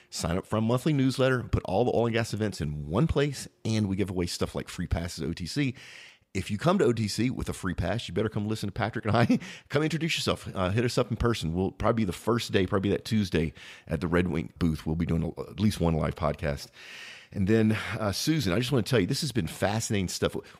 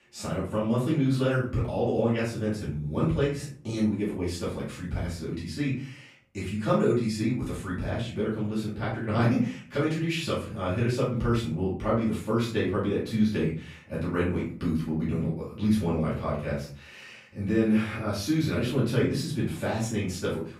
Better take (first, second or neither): first